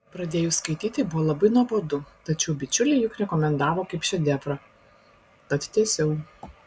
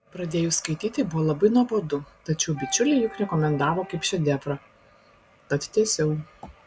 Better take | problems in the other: first | background sound (Wind instrument, woodwind instrument); 18 dB below the speech

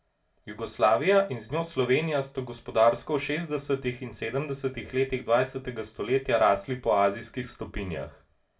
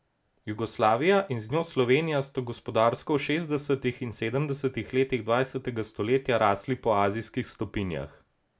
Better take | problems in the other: second | room echo; dies away in 0.2 s

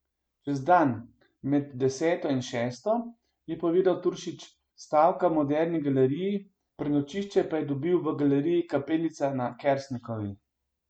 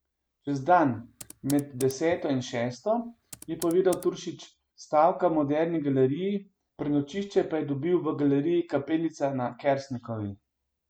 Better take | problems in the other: first | background sound (Computer keyboard); 20 dB below the speech

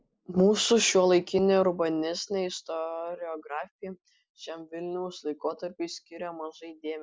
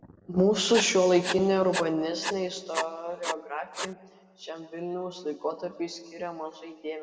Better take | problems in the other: first | background sound (Writing); 8 dB below the speech // room echo; dies away in 1.6 s

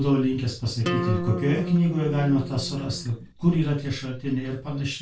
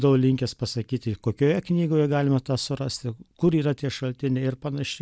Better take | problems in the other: second | background sound (Acoustic guitar); 6 dB below the speech // room echo; dies away in 0.2 s

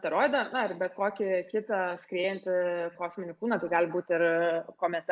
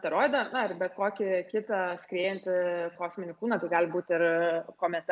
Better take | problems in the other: second | noise reduction (neural mask model Resemble Enhance denoiser)

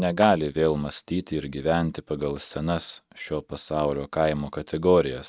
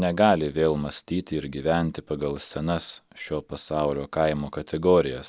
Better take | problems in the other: second | noise reduction (neural mask model RNNoise)

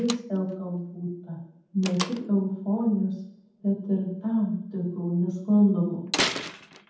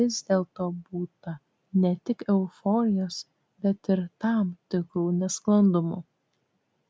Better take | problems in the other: second | background sound (Slam); 10 dB below the speech // room echo; dies away in 0.8 s

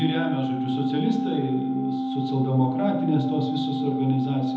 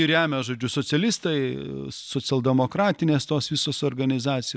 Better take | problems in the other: second | background sound (Organ); as loud as the speech // room echo; dies away in 1 s

